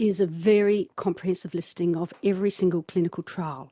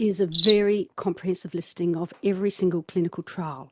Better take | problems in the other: first | background sound (Cricket); 14 dB below the speech

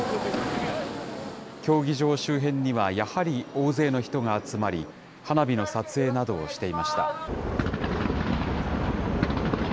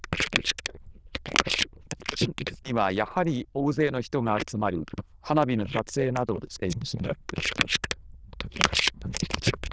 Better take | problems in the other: first | noise reduction (neural diffusion model UNIVERSE++)

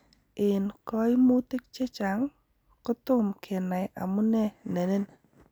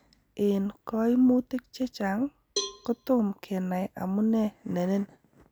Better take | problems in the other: first | background sound (Cowbell); 12 dB below the speech

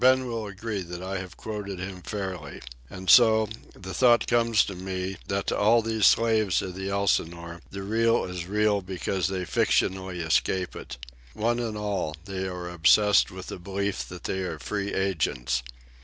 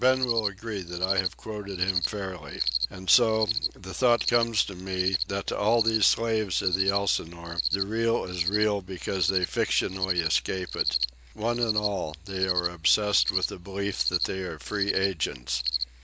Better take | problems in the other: first | background sound (Cricket); 4 dB below the speech

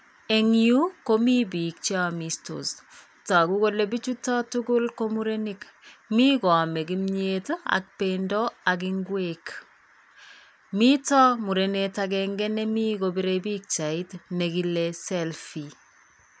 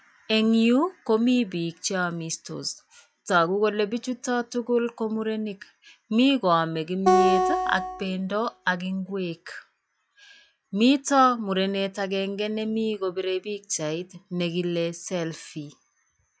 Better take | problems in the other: first | noise reduction (classical method log-MMSE)

